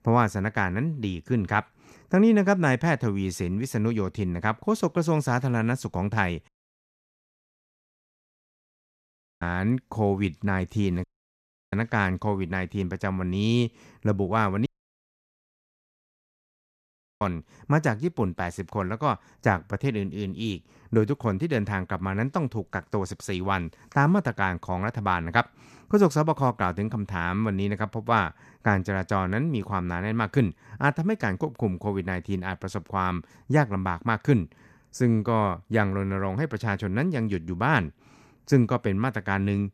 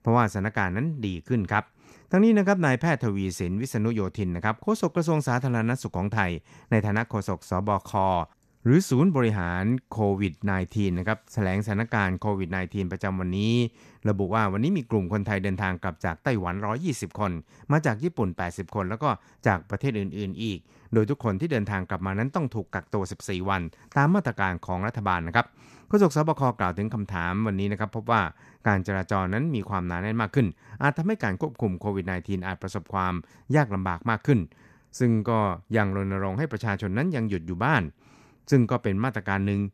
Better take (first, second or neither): second